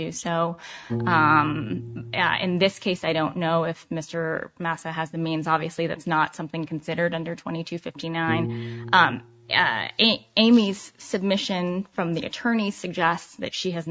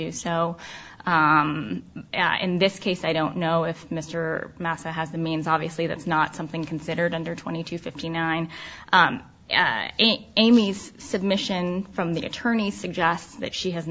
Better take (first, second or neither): second